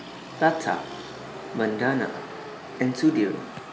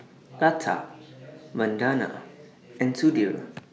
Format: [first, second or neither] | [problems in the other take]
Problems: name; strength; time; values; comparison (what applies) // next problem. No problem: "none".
second | background sound (Motor vehicle (road)); 12 dB below the speech